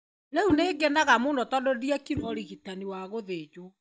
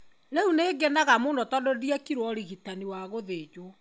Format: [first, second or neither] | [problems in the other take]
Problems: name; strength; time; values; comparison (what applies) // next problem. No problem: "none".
second | noise reduction (neural mask model DeepFilterNet 3)